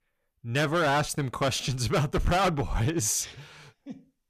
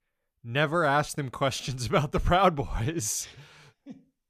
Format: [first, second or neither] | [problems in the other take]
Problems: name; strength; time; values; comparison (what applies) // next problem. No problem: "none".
second | distortion; heavy; 10% of the sound clipped